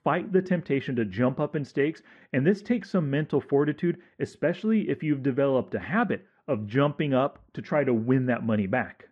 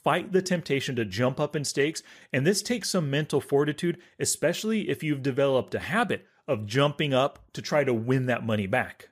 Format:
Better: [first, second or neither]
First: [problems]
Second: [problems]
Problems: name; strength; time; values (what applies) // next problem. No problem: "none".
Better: second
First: muffled; very; fading above 2 kHz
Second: none